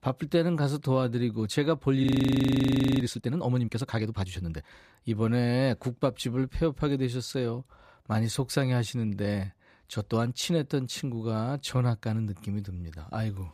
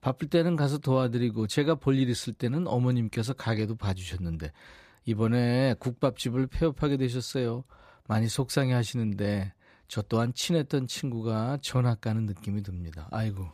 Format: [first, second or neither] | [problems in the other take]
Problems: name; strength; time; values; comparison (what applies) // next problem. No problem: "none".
second | audio freezing; at 2 s for 1 s